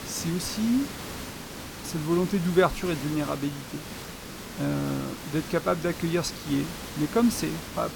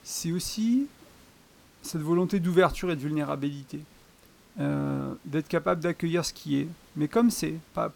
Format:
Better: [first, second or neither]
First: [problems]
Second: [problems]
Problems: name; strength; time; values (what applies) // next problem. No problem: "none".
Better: second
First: hiss; loud; throughout; 10 dB below the speech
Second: hiss; faint; throughout; 25 dB below the speech